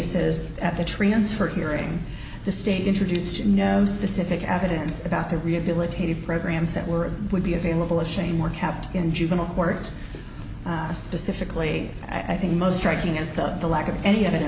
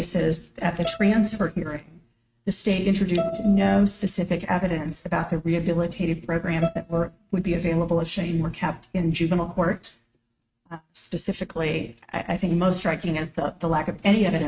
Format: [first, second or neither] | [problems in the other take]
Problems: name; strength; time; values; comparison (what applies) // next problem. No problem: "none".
first | noise reduction (neural mask model RNNoise)